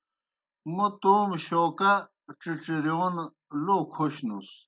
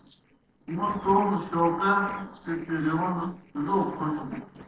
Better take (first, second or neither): first